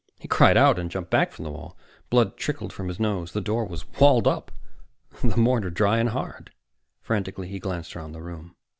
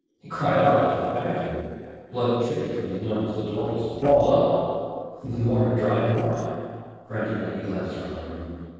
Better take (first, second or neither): first